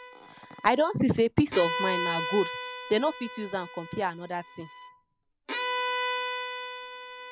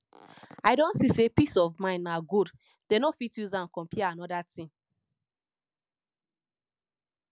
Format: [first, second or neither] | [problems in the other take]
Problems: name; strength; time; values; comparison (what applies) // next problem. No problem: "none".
second | background sound (Bowed string instrument); 5 dB below the speech